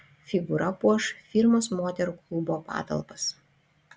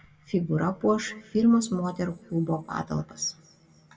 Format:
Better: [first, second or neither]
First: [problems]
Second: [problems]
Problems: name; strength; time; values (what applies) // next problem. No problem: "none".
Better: first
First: none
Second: room echo; dies away in 1.3 s